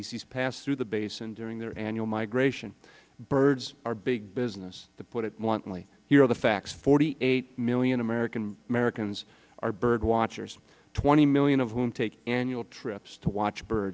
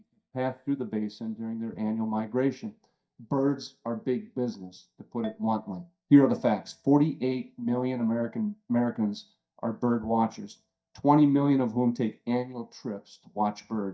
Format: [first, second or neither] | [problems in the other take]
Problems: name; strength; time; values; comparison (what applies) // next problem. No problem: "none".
first | noise reduction (neural mask model DeepFilterNet 3)